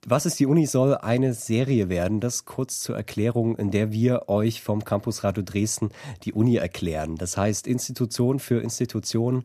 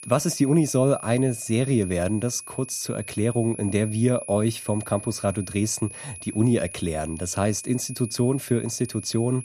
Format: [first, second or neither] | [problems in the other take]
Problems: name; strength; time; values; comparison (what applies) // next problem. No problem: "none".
first | high-pitched whine; noticeable; throughout; 10.5 kHz, 10 dB below the speech